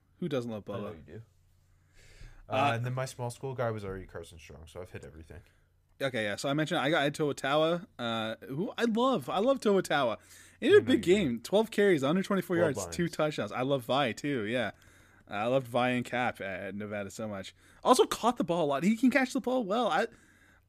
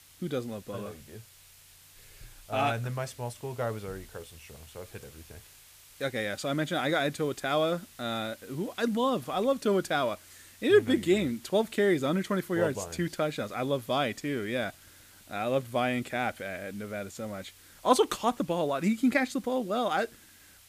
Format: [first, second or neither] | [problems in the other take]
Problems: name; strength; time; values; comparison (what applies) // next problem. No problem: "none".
first | hiss; faint; throughout; 25 dB below the speech